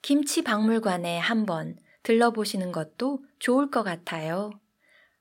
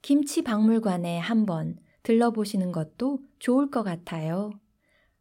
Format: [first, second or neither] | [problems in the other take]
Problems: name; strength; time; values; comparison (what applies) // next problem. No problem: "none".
second | thin; very slightly; fading below 900 Hz